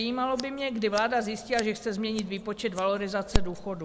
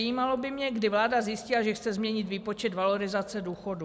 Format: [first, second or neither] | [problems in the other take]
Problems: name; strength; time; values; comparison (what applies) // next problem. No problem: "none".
second | background sound (Scissors); 5 dB below the speech